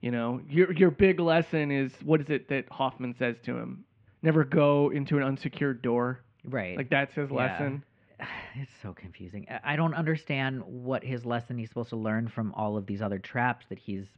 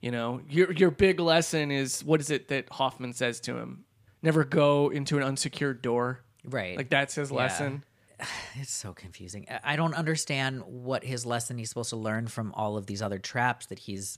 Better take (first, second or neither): second